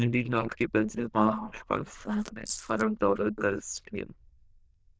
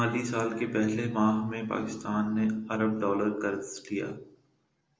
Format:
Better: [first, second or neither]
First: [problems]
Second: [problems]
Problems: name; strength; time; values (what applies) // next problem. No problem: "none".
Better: second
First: noise reduction (neural diffusion model UNIVERSE++)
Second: none